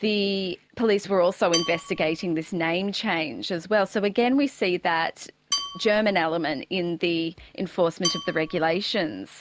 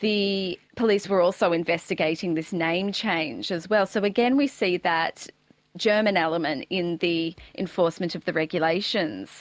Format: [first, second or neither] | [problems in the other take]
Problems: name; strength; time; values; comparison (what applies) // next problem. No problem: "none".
second | background sound (Dishes, pots, and pans / Glass / Bell); 9 dB below the speech